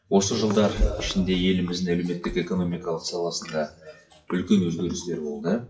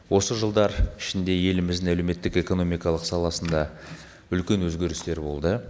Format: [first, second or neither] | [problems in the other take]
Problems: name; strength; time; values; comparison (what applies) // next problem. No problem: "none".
second | noise reduction (classical method WPE with log-MMSE)